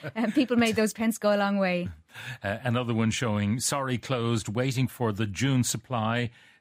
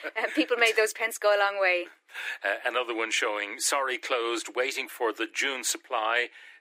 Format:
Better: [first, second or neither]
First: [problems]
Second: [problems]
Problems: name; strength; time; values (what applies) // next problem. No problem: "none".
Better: first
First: none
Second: thin; very; fading below 300 Hz